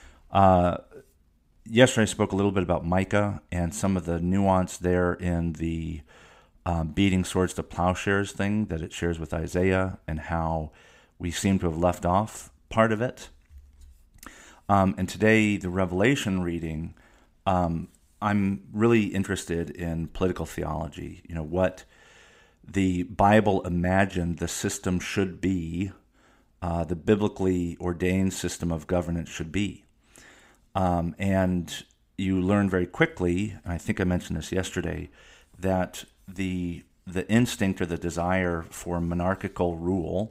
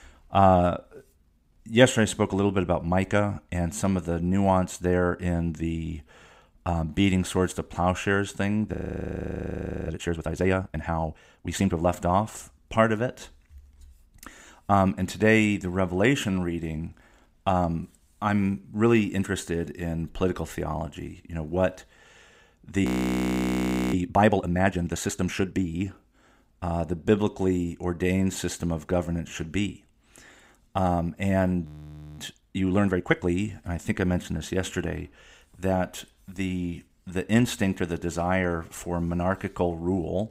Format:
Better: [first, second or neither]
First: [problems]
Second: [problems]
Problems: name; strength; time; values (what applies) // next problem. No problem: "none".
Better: first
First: none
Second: audio freezing; at 8.5 s for 1 s, at 23 s for 1 s and at 32 s for 0.5 s